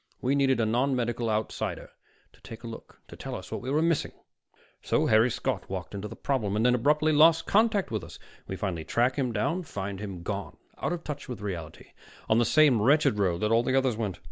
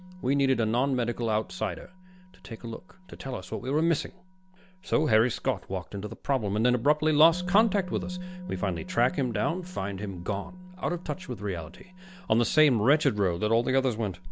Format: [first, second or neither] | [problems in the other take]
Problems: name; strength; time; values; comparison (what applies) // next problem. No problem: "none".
first | background sound (Musical instrument); 15 dB below the speech